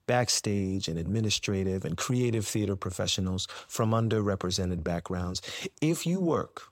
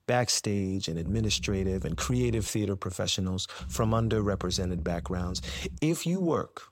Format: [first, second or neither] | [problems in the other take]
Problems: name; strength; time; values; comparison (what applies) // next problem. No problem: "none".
first | low rumble; faint; from 1 to 2.5 s and from 3.5 to 6 s; 25 dB below the speech